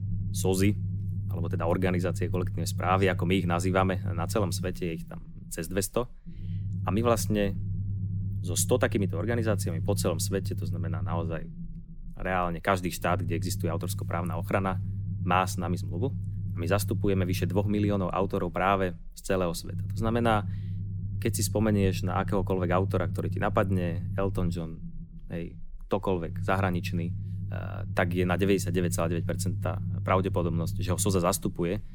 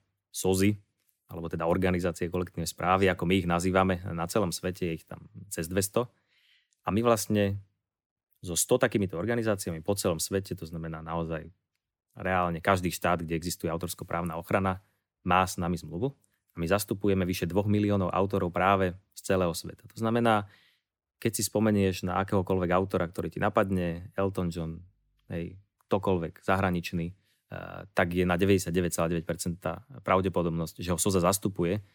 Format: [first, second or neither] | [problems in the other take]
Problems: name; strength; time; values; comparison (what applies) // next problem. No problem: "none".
second | low rumble; noticeable; throughout; 15 dB below the speech